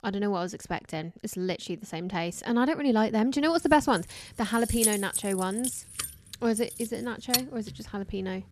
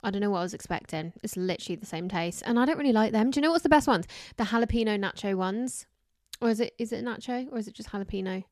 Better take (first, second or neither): second